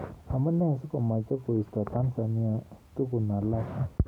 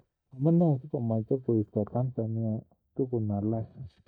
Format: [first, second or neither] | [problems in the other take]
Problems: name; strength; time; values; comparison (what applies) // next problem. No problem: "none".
first | noise reduction (neural mask model DeepFilterNet 3)